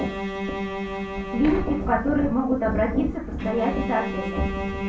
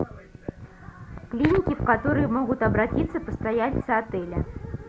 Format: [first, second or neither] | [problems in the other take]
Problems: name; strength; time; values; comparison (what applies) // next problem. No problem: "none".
second | background sound (Bowed string instrument); 6 dB below the speech // room echo; dies away in 0.3 s